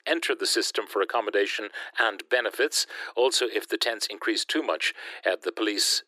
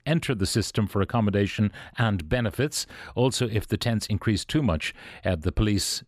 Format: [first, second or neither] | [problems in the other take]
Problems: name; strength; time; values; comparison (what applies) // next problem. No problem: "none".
second | thin; very; fading below 350 Hz